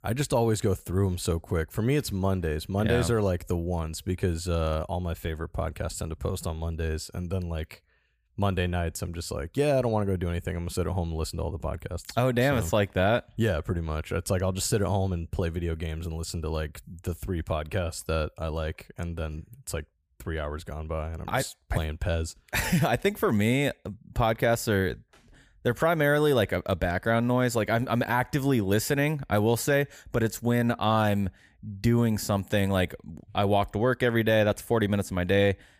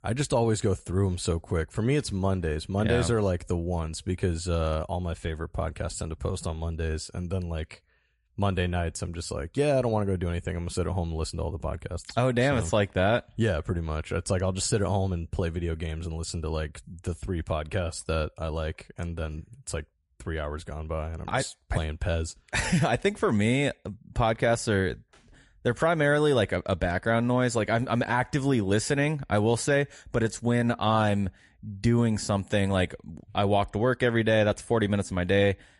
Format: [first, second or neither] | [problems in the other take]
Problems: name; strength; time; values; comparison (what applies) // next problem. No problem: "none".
first | garbled, watery; slightly; nothing above 11 kHz